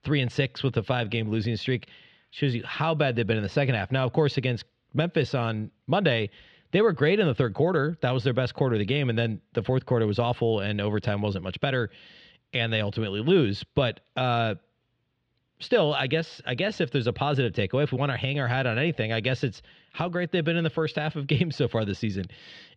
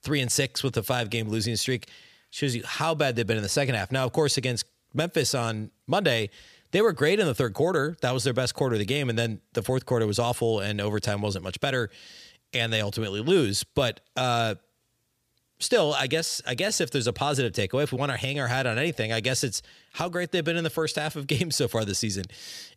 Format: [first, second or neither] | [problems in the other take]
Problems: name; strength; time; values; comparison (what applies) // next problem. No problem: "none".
second | muffled; slightly; fading above 3.5 kHz